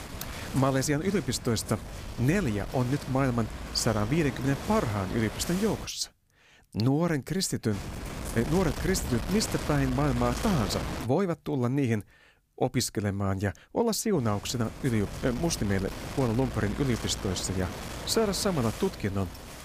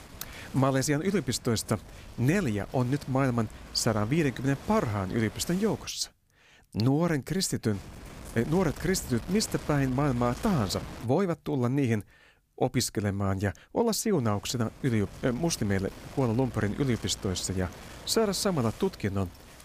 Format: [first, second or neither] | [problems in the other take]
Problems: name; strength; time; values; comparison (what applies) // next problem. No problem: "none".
second | wind noise on the microphone; heavy; until 6 s, from 7.5 to 11 s and from 14 s on; 8 dB below the speech; occasional gusts in the second